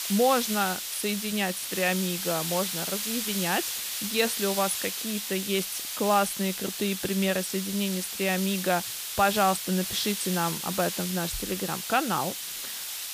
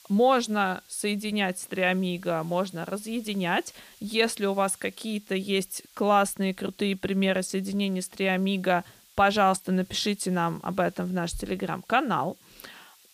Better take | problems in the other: second | hiss; loud; throughout; 3 dB below the speech; faint in the second

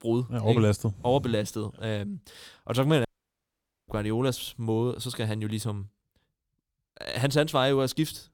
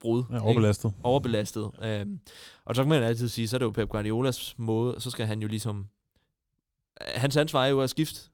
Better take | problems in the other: second | audio cutting out; at 3 s for 1 s

